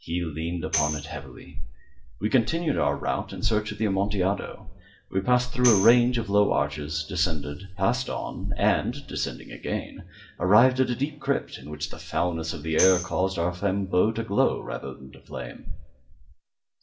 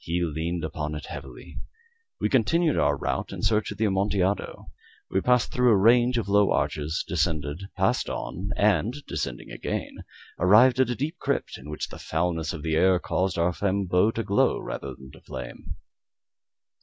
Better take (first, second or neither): second